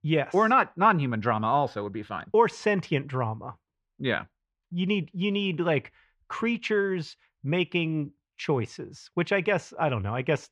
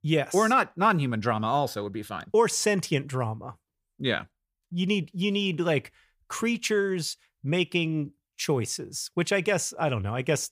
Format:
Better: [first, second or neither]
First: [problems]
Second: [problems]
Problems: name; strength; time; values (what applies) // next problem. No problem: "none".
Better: second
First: muffled; very; fading above 2.5 kHz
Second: none